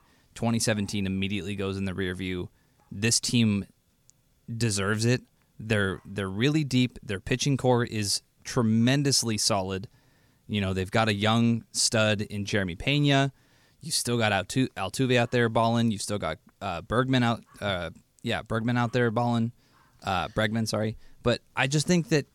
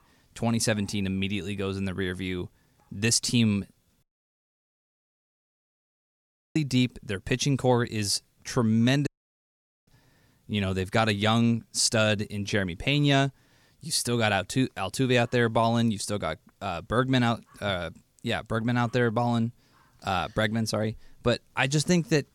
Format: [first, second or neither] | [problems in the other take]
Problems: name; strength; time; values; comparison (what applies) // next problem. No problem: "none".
first | audio cutting out; at 4 s for 2.5 s and at 9 s for 1 s